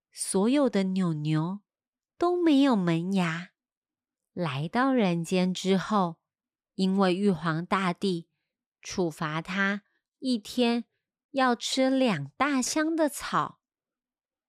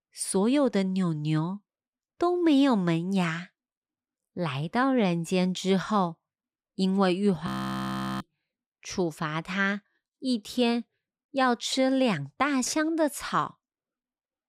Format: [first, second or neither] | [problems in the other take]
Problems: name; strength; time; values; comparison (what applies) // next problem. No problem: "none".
first | audio freezing; at 7.5 s for 0.5 s